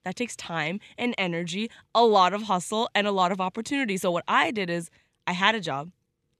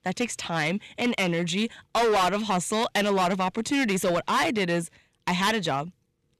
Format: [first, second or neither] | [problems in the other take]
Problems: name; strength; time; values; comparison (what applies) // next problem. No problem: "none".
first | distortion; heavy; 12% of the sound clipped